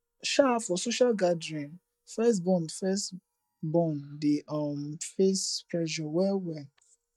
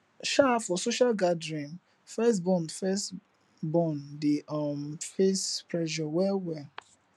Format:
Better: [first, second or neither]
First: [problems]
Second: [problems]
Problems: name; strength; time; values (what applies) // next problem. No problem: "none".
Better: second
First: noise reduction (neural mask model DeepFilterNet 3)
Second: none